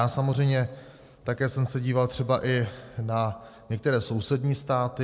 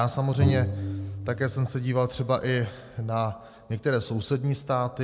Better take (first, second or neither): first